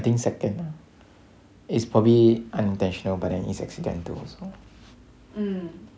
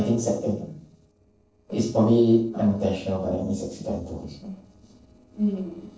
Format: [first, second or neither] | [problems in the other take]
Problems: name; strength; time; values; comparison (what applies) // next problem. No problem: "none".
first | noise reduction (neural separator model SepFormer DNS4)